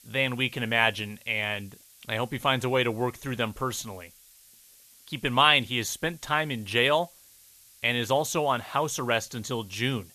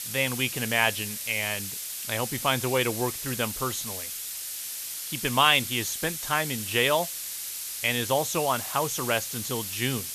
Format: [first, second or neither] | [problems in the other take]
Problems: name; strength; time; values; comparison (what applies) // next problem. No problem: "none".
first | hiss; loud; throughout; 5 dB below the speech; faint in the first